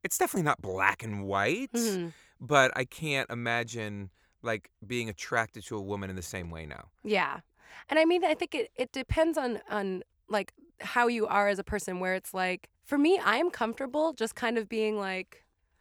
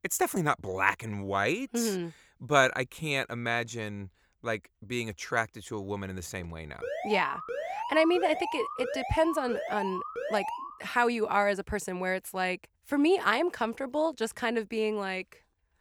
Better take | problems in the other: first | alarm; noticeable; from 7 to 11 s; peak 5 dB below the speech

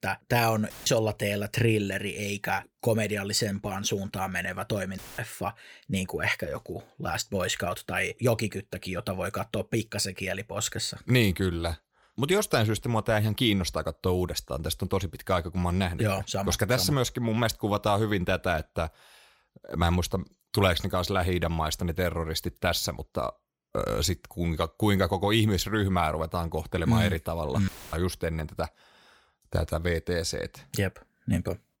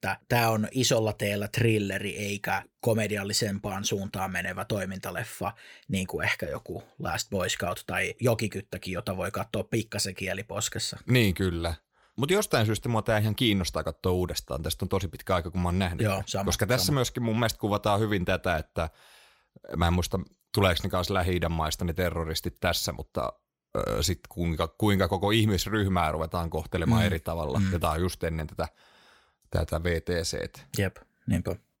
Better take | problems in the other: second | audio cutting out; filled with static; at 0.5 s, at 5 s and at 28 s

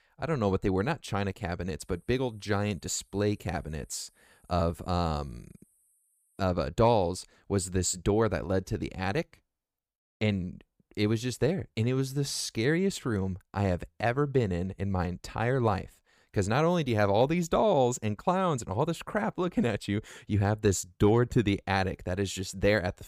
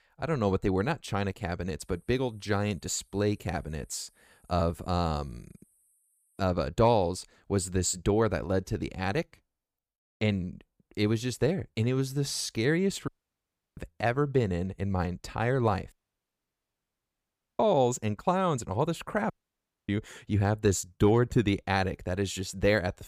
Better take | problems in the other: first | audio cutting out; at 13 s for 0.5 s, at 16 s for 1.5 s and at 19 s for 0.5 s

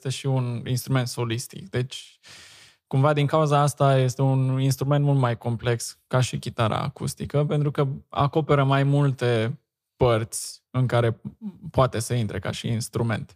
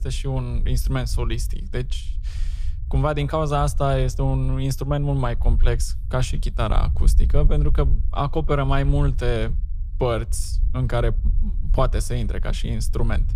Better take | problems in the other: first | low rumble; faint; throughout; 20 dB below the speech

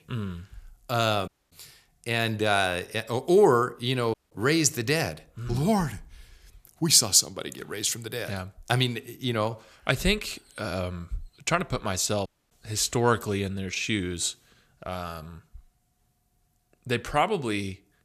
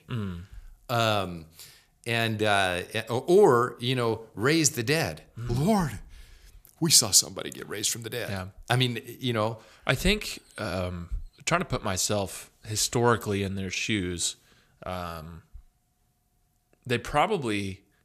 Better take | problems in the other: second | audio cutting out; at 1.5 s, at 4 s and at 12 s

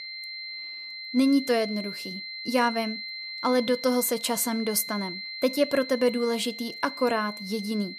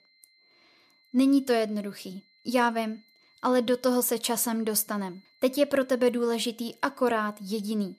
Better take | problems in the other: second | high-pitched whine; loud; throughout; 2 kHz, 9 dB below the speech; faint in the second

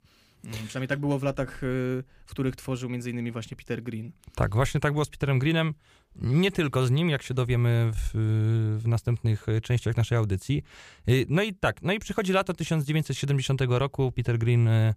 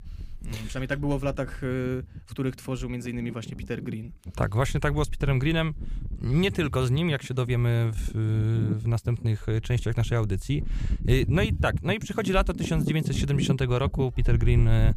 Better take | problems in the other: first | wind noise on the microphone; occasional gusts; 15 dB below the speech

